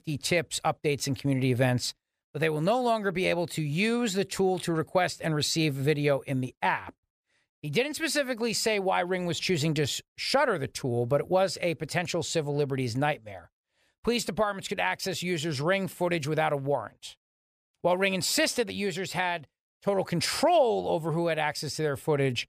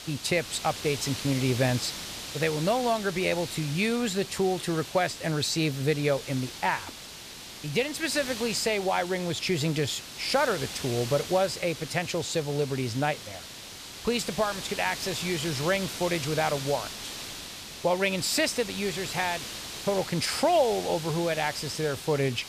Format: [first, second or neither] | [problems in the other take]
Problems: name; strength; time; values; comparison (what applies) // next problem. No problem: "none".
first | hiss; loud; throughout; 9 dB below the speech